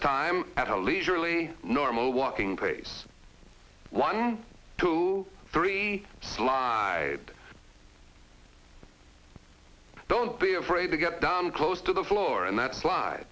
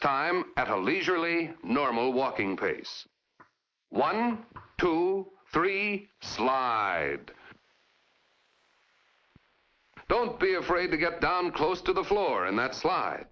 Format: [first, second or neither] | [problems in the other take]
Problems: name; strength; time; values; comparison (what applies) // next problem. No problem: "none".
first | noise reduction (neural mask model Resemble Enhance denoiser)